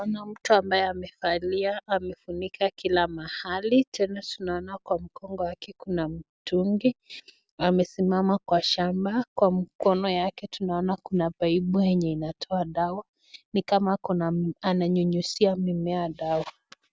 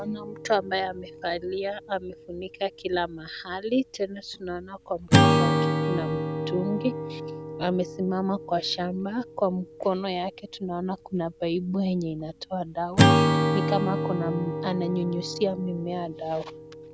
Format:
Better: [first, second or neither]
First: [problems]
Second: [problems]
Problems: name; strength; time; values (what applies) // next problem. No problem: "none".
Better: first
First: none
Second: background sound (Acoustic guitar / Strum); 1 dB above the speech